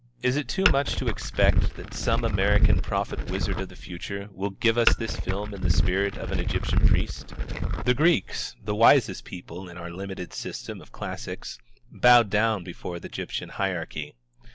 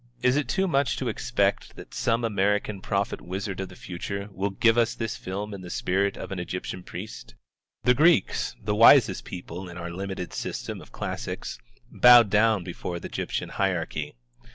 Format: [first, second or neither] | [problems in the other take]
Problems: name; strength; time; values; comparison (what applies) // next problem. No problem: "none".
second | background sound (Glass); 4 dB above the speech